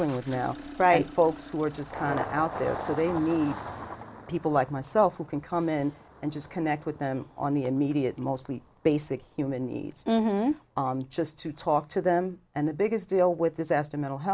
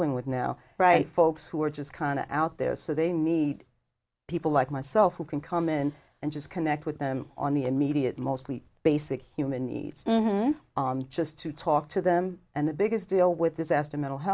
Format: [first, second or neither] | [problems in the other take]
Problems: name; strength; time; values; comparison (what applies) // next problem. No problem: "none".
second | background sound (Engine starting); 15 dB below the speech